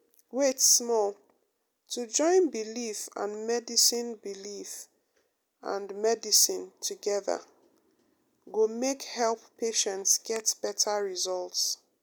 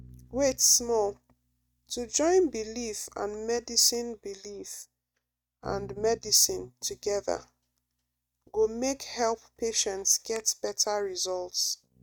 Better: first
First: none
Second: noise reduction (neural mask model RNNoise)

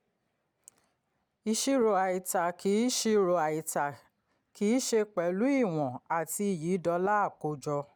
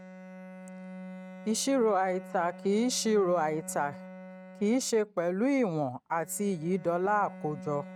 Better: first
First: none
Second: noise reduction (neural mask model RNNoise)

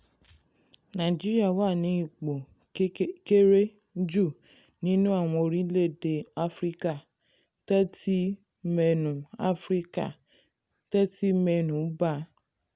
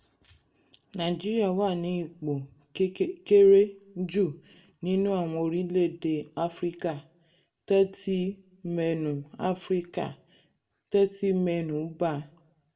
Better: first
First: none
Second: room echo; dies away in 0.2 s

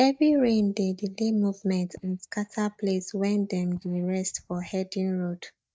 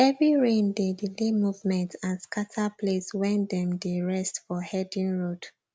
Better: second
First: noise reduction (neural mask model DeepFilterNet 3)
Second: none

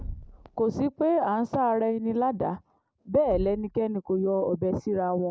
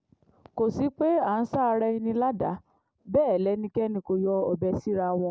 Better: second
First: background sound (Thump, thud); 18 dB below the speech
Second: none

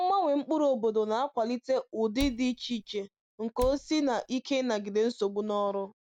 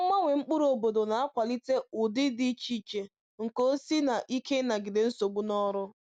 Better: second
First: background sound (Cupboard open or close); 13 dB below the speech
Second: none

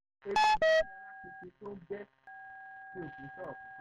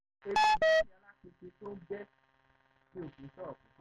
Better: second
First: background sound (Telephone); 17 dB below the speech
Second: none

